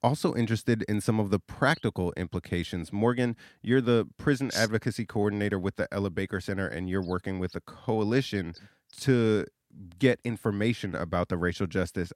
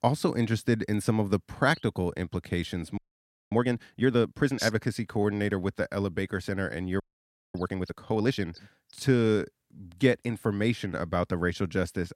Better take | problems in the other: first | audio freezing; at 3 s for 0.5 s and at 7 s for 0.5 s

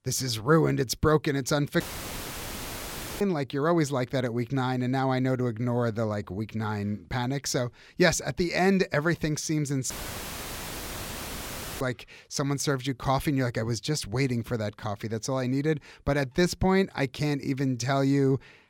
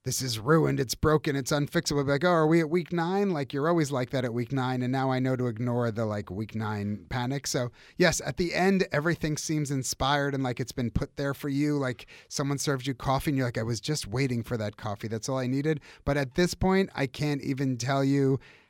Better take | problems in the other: second | audio cutting out; filled with static; at 2 s for 1.5 s and at 10 s for 2 s

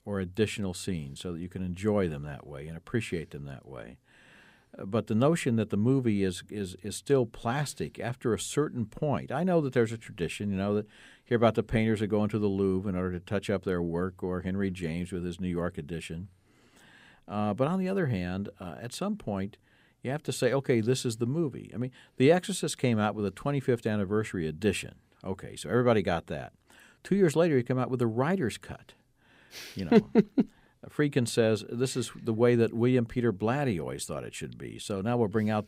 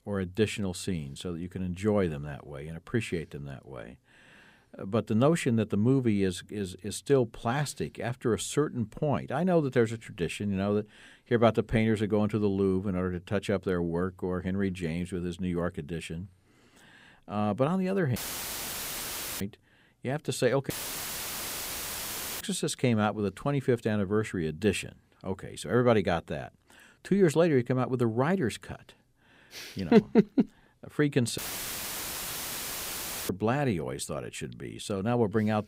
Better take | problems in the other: first | audio cutting out; filled with static; at 18 s for 1 s, at 21 s for 1.5 s and at 31 s for 2 s

